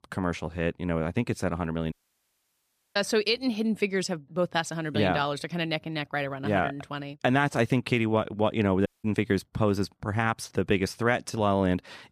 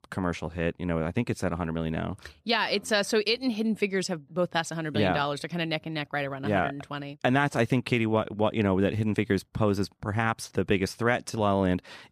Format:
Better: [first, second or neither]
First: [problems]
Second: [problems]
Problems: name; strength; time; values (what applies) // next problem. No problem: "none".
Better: second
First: audio cutting out; at 2 s for 1 s and at 9 s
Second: none